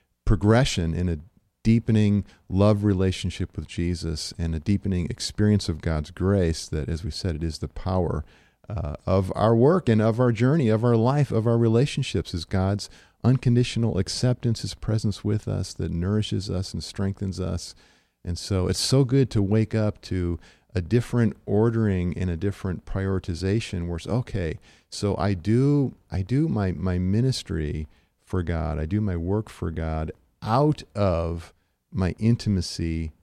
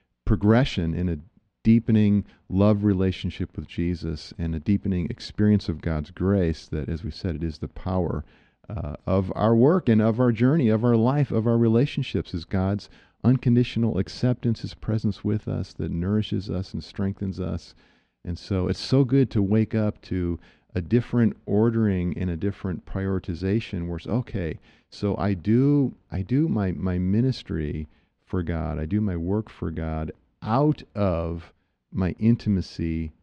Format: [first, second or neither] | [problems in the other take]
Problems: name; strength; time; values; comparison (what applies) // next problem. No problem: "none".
first | muffled; very slightly; fading above 3 kHz